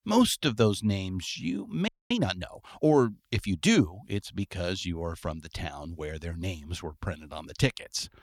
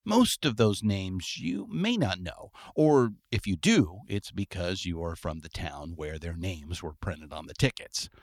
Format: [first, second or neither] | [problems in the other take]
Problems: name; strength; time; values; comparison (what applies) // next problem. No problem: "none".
second | audio freezing; at 2 s